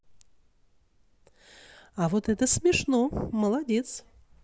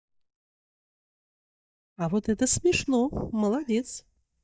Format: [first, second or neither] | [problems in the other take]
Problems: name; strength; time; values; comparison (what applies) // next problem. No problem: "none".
first | noise reduction (neural mask model DeepFilterNet 3)